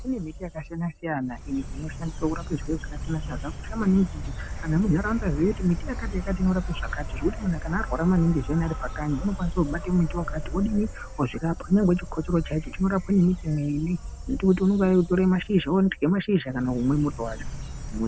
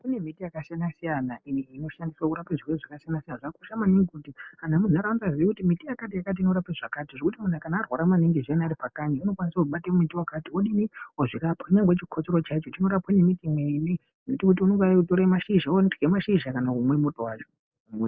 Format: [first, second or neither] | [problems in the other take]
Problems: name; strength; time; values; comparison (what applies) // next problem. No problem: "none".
second | background sound (Insect); 8 dB below the speech